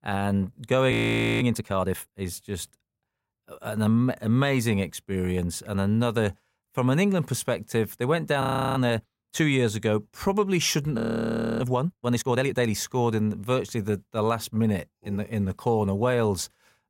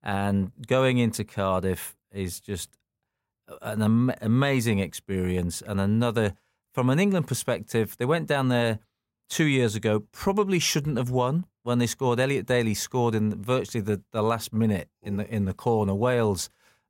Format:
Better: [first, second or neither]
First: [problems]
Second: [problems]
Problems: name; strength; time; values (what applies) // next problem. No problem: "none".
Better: second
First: audio freezing; at 1 s, at 8.5 s and at 11 s for 0.5 s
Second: none